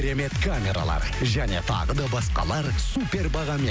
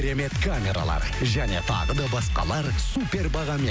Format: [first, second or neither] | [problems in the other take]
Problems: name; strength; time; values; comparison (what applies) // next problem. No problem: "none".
first | background sound (Bowed string instrument); 19 dB below the speech